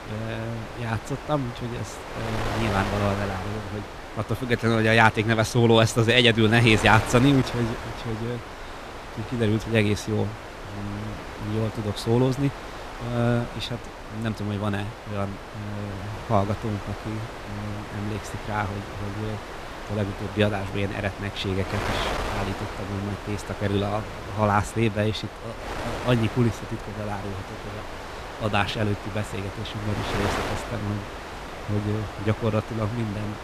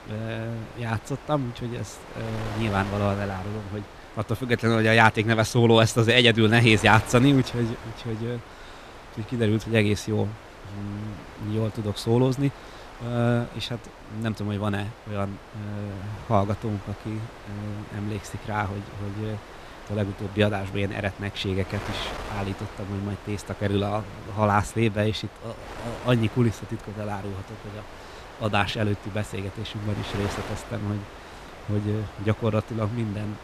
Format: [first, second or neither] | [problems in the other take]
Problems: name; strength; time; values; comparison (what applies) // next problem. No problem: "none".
second | wind noise on the microphone; heavy; 8 dB below the speech; occasional gusts in the second